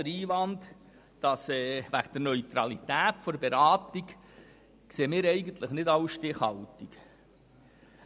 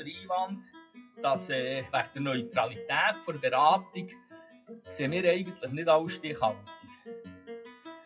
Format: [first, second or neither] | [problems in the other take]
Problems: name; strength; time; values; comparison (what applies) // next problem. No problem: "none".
first | noise reduction (classical method WPE with log-MMSE)